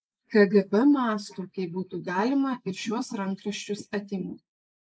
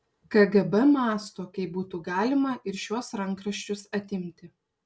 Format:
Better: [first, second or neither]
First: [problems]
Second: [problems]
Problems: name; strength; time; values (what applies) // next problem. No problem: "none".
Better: second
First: noise reduction (neural mask model Resemble Enhance denoiser)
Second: none